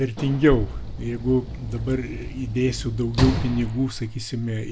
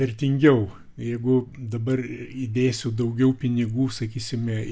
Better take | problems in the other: second | background sound (Sliding door / Slam); 5 dB below the speech

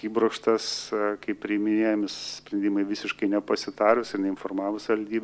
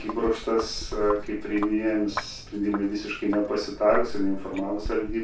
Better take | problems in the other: first | background sound (Sink (filling or washing)); 11 dB below the speech // room echo; dies away in 0.3 s

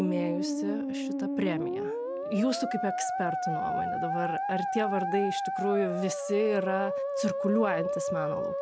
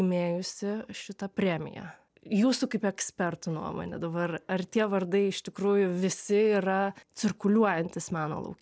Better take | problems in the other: second | background sound (Musical instrument); as loud as the speech

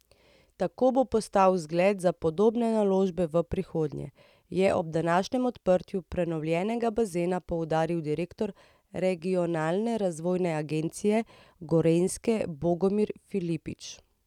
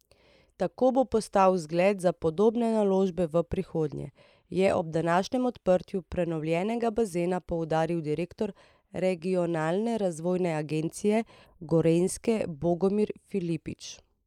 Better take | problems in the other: first | noise reduction (neural mask model Resemble Enhance denoiser)

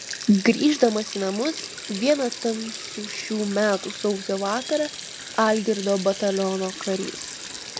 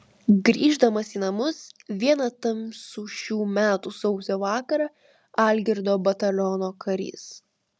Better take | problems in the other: second | background sound (Sink (filling or washing)); 11 dB below the speech

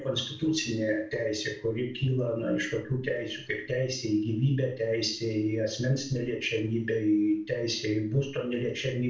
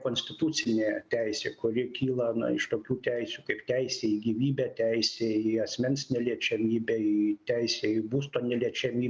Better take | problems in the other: second | room echo; dies away in 0.3 s

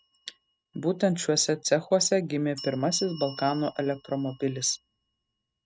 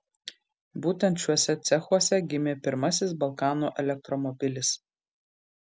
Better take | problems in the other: second | noise reduction (neural mask model RNNoise)

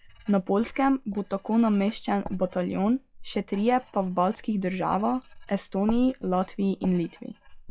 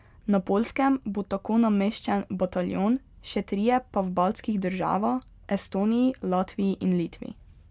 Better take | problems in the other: second | noise reduction (classical method log-MMSE)

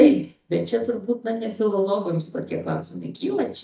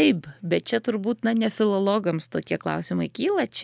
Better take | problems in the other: second | noise reduction (neural mask model DeepFilterNet 3)

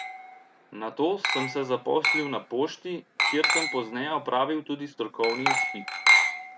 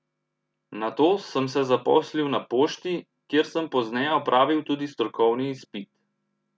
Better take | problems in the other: second | background sound (Glass); 2 dB above the speech

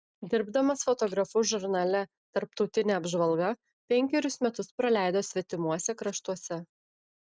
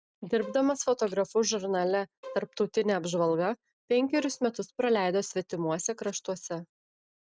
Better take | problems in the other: first | background sound (Bowed string instrument); 20 dB below the speech

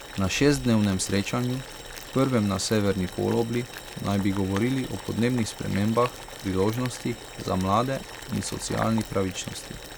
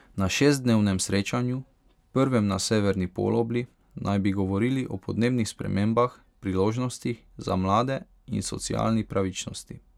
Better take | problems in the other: second | background sound (Boiling); 13 dB below the speech

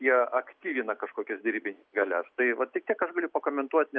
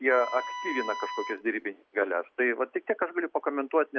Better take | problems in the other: first | background sound (Wind instrument, woodwind instrument); 8 dB below the speech

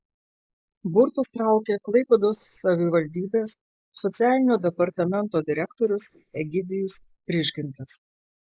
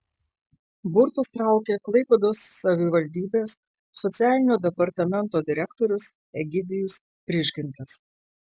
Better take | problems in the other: second | noise reduction (neural mask model Resemble Enhance denoiser)

